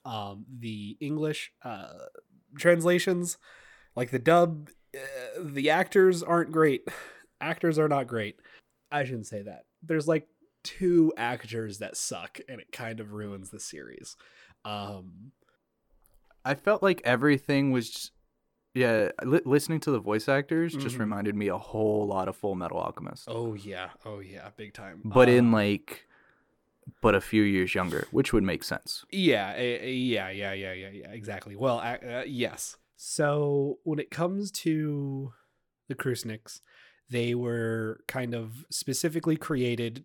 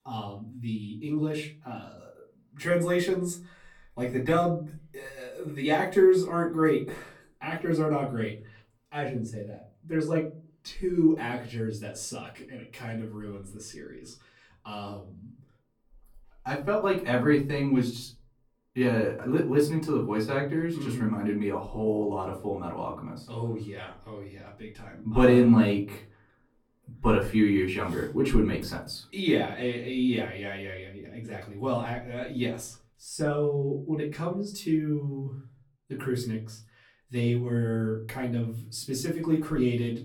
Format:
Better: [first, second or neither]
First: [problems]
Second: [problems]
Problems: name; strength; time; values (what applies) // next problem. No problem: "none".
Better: first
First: none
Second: off-mic speech; far // room echo; slight; dies away in 0.4 s